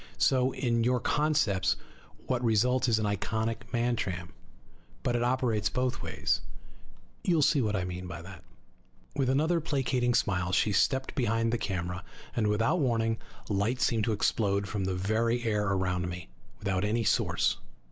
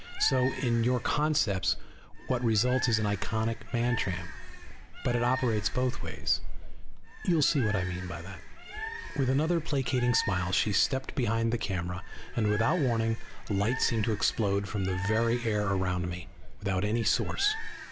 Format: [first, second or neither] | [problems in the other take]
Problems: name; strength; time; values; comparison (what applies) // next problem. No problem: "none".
first | background sound (Bird); 13 dB below the speech